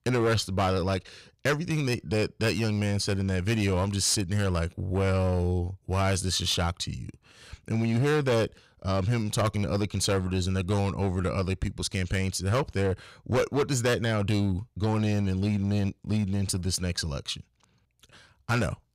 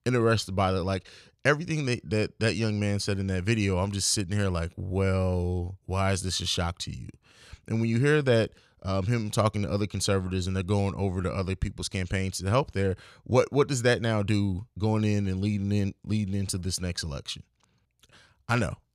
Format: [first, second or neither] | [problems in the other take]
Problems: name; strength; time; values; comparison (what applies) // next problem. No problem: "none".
second | distortion; slight; 9% of the sound clipped